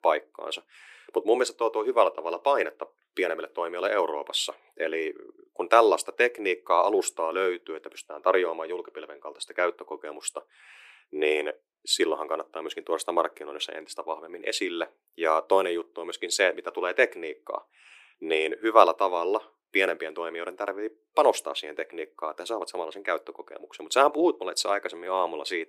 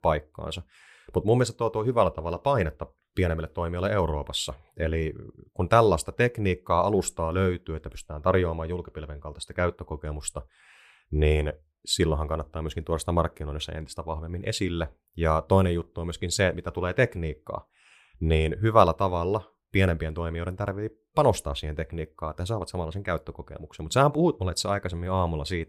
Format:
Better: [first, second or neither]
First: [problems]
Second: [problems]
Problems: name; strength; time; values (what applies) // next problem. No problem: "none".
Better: second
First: thin; very; fading below 350 Hz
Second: none